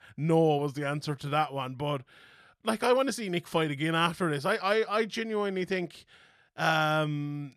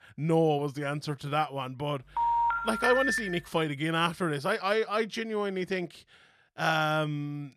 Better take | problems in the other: first | phone ringing; loud; from 2 to 3.5 s; peak 3 dB above the speech

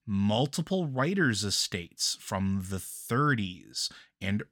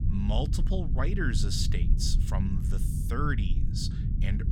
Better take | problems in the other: first | low rumble; loud; throughout; 8 dB below the speech

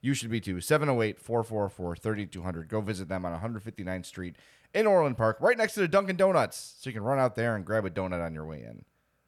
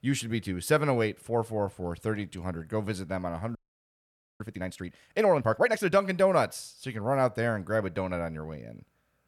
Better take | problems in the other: first | audio freezing; at 3.5 s for 1 s

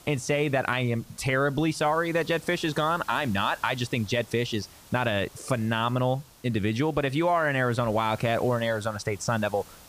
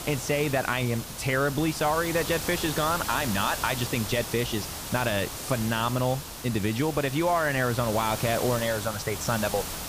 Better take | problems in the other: first | hiss; loud; throughout; 7 dB below the speech; faint in the first

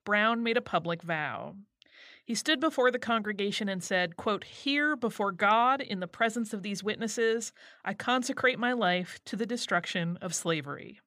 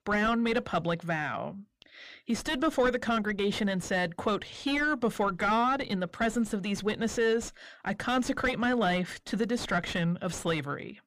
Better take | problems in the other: first | distortion; heavy; 6 dB below the speech

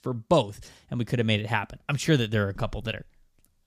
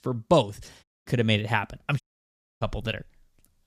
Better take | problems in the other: first | audio cutting out; at 1 s and at 2 s for 0.5 s

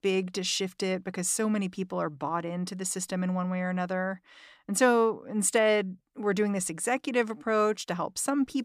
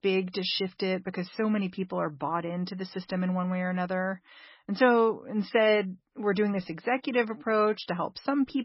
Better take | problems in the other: first | garbled, watery; badly; nothing above 5.5 kHz

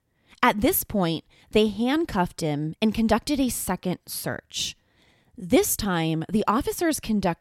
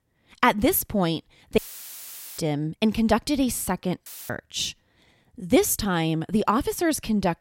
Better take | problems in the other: first | audio cutting out; filled with static; at 1.5 s for 1 s and at 4 s

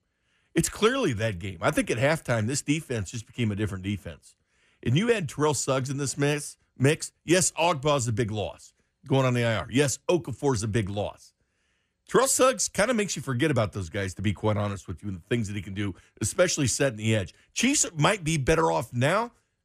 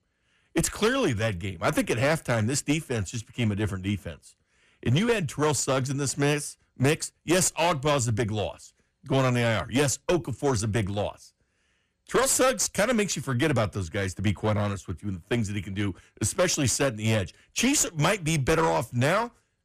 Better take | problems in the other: first | distortion; slight; 7% of the sound clipped

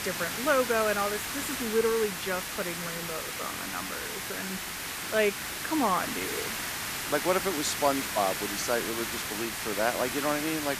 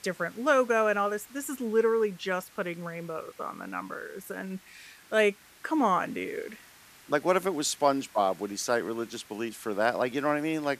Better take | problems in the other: second | hiss; loud; throughout; 2 dB below the speech; faint in the second

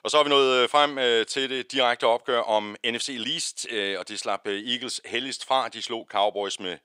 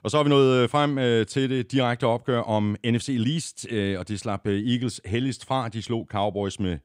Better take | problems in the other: second | thin; very; fading below 600 Hz

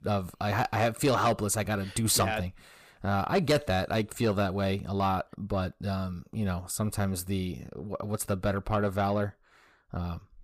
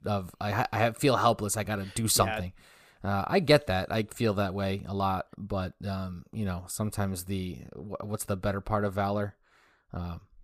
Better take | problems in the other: second | distortion; slight; 10 dB below the speech

